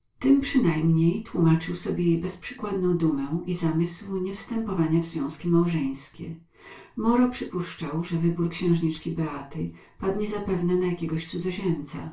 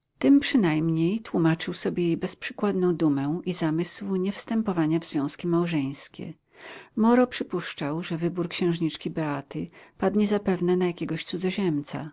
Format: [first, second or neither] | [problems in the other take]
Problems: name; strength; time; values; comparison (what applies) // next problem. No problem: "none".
second | room echo; dies away in 0.2 s